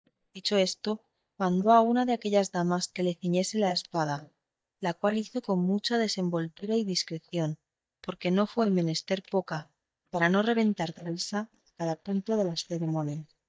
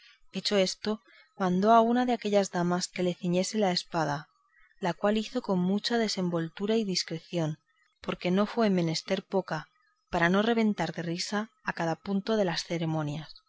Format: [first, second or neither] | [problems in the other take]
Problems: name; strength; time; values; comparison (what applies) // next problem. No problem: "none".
second | noise reduction (neural mask model DeepFilterNet 3)